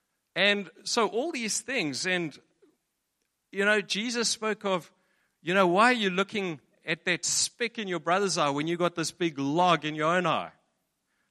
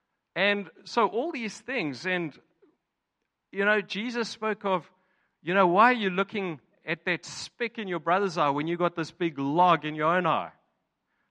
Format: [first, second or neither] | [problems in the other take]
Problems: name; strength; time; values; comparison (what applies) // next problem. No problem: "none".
first | muffled; slightly; fading above 3 kHz